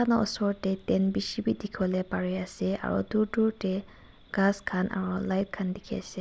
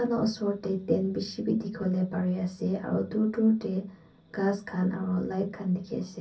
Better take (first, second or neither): first